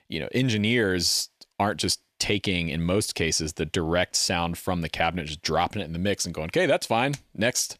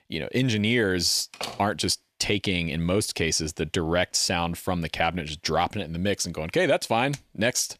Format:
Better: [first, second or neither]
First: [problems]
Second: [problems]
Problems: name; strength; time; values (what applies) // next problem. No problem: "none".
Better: first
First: none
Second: door banging; noticeable; at 1.5 s; peak 10 dB below the speech